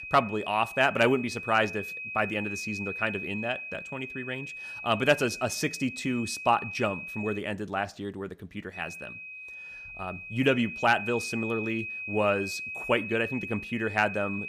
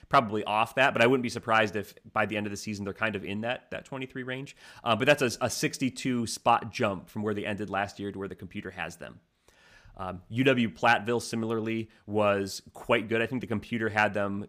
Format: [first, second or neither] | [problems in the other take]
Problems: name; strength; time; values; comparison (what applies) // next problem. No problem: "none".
second | high-pitched whine; loud; until 7.5 s and from 8.5 s on; 2.5 kHz, 8 dB below the speech